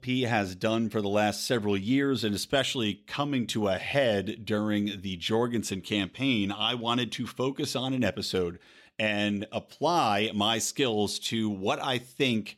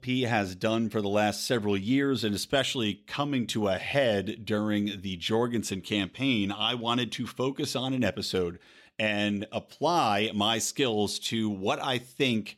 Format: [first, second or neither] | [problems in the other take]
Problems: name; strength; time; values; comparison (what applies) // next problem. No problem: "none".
neither | none